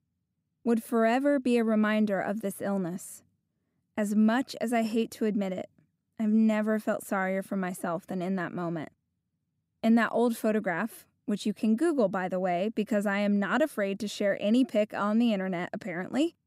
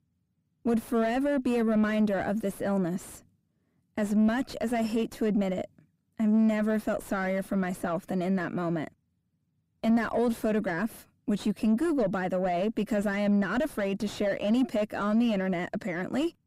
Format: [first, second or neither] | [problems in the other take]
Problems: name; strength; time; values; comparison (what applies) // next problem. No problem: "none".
first | distortion; slight; 10 dB below the speech